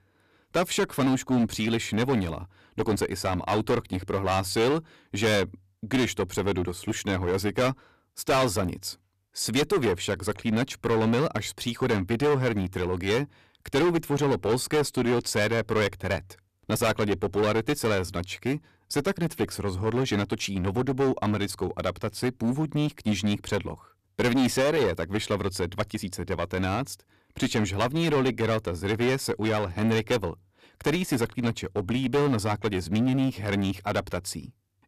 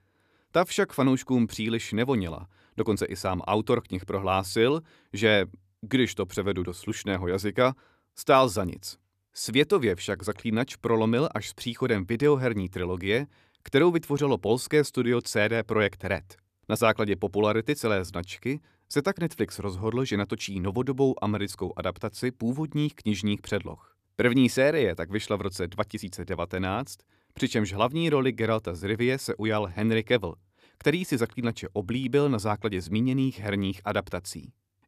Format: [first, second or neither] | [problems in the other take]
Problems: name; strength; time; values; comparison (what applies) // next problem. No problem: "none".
second | distortion; heavy; 11% of the sound clipped